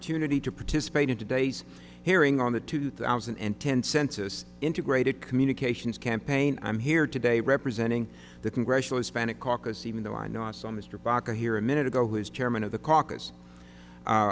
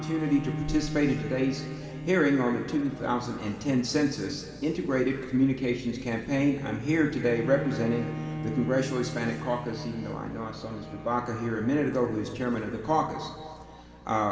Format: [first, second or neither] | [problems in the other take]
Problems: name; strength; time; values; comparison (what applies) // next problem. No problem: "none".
first | background sound (Bowed string instrument); 11 dB below the speech // room echo; dies away in 2.1 s